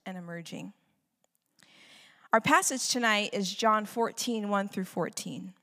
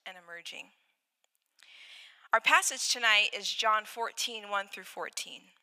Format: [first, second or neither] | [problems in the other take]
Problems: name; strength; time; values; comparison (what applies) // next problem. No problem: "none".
first | thin; very; fading below 700 Hz